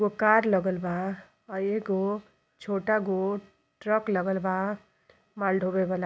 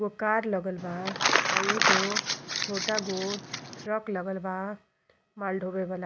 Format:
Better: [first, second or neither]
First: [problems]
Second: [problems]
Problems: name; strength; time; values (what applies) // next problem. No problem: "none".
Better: first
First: none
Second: background sound (Crumpling, crinkling); 4 dB above the speech